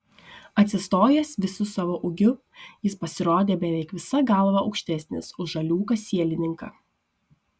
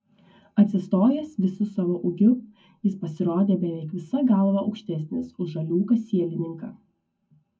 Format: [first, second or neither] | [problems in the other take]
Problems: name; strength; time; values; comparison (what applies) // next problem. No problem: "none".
first | room echo; dies away in 0.3 s